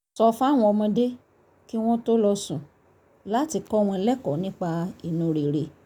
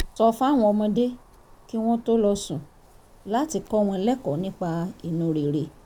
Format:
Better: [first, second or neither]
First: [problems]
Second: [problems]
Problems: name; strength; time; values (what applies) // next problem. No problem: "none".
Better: first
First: none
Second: background sound (Wind); 18 dB below the speech